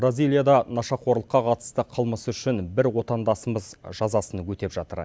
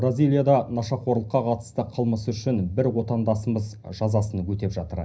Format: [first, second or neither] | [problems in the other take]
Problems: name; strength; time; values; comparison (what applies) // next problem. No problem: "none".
first | room echo; dies away in 0.5 s